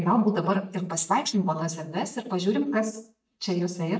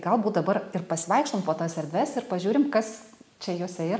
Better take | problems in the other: second | noise reduction (neural mask model DeepFilterNet 3)

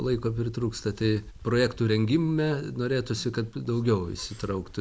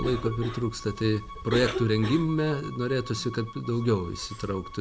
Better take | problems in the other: first | background sound (Cough + Bowed string instrument); 10 dB below the speech

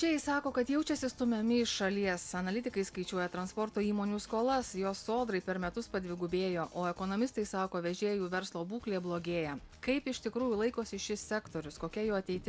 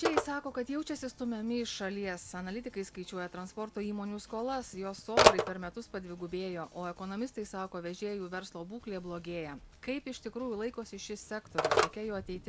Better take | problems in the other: first | background sound (Telephone); 2 dB above the speech

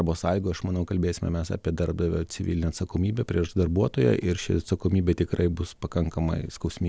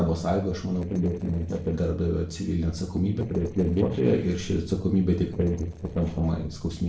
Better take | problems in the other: first | noise reduction (neural separator model SepFormer DNS4)

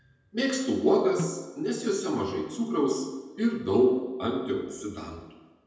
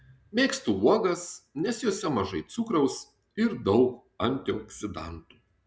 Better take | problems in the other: second | background sound (Snare drum); 12 dB below the speech // room echo; dies away in 1 s

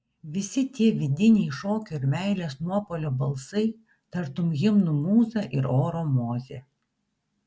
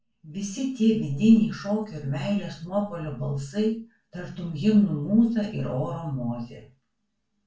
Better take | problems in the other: first | room echo; dies away in 0.3 s

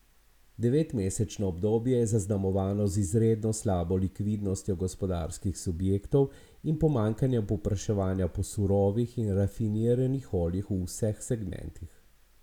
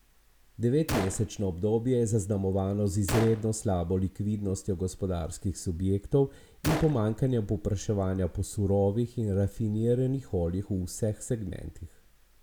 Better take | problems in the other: first | background sound (Gunshot, gunfire); 10 dB below the speech

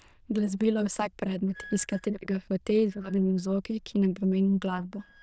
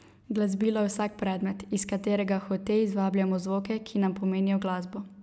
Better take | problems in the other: second | noise reduction (neural diffusion model UNIVERSE++)

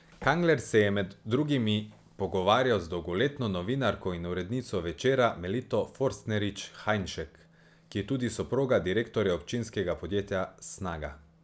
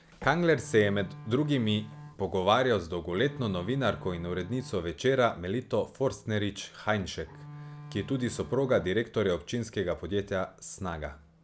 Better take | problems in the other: first | background sound (Bowed string instrument); 17 dB below the speech

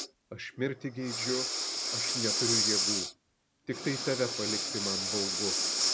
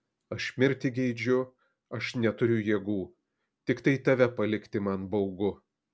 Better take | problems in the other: second | background sound (Breathing); 4 dB above the speech

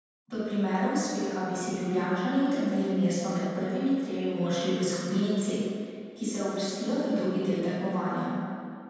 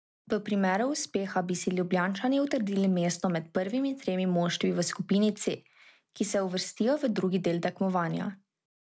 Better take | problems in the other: second | room echo; dies away in 2.1 s

